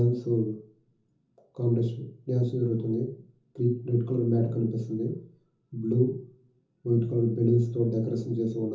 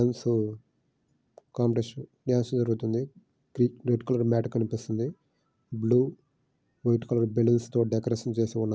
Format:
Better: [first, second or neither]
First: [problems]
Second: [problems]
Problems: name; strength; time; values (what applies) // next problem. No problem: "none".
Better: second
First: room echo; dies away in 0.6 s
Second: none